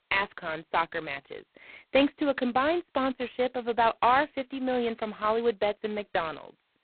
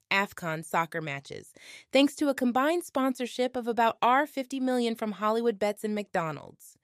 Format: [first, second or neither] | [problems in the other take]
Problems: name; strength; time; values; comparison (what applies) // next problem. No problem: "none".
second | phone-call audio; poor line; nothing above 4 kHz